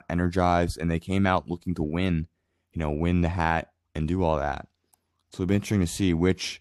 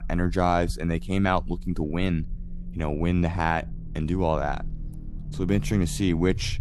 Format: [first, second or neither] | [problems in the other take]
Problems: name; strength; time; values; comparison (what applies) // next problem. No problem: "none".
first | low rumble; faint; throughout; 20 dB below the speech